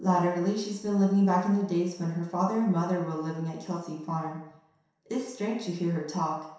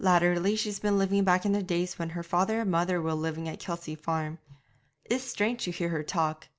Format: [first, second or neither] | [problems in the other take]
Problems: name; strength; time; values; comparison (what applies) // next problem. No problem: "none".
second | room echo; dies away in 0.7 s